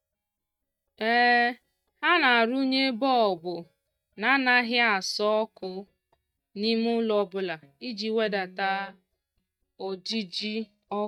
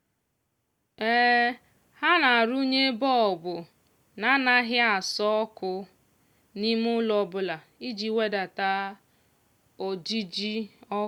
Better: second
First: noise reduction (neural mask model DeepFilterNet 3)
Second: none

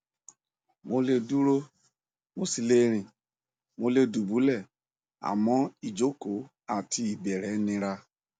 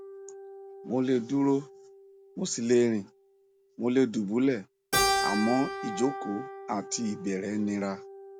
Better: first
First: none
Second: background sound (Keyboard (musical)); 6 dB below the speech

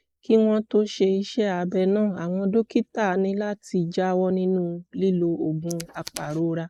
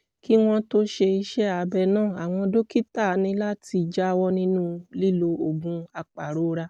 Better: second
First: noise reduction (neural mask model Resemble Enhance denoiser)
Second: none

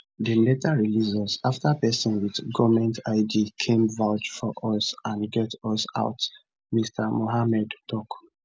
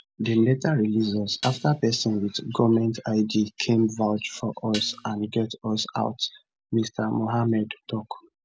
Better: first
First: none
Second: background sound (Dishes, pots, and pans); 13 dB below the speech

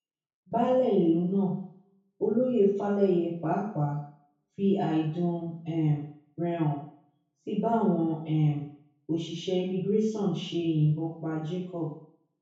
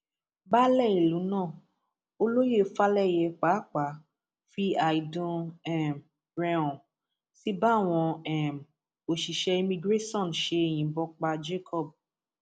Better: second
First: room echo; dies away in 0.6 s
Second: none

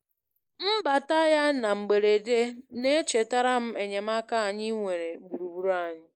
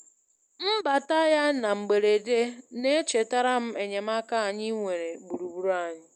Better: second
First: noise reduction (neural mask model Resemble Enhance denoiser)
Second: none

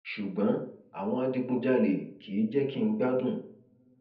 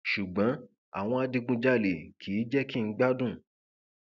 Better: second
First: room echo; dies away in 0.6 s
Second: none

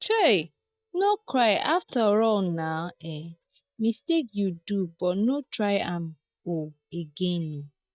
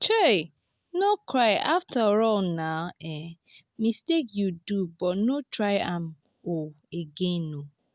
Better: second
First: noise reduction (neural mask model DeepFilterNet 3)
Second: none

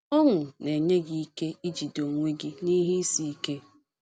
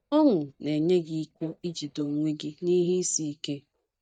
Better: first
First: none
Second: noise reduction (neural mask model DeepFilterNet 3)

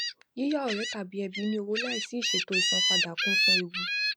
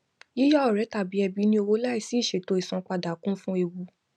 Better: second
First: background sound (Gull, seagull); 4 dB above the speech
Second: none

